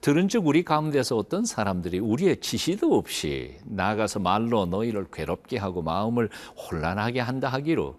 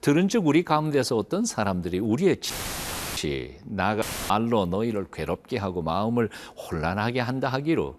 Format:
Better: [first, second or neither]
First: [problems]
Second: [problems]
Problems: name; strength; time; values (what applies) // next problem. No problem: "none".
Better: first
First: none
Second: audio cutting out; filled with static; at 2.5 s for 0.5 s and at 4 s